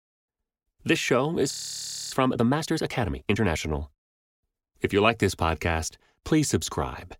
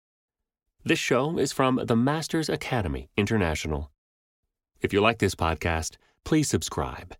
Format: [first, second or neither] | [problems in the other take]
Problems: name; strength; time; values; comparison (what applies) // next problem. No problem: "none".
second | audio freezing; at 1.5 s for 0.5 s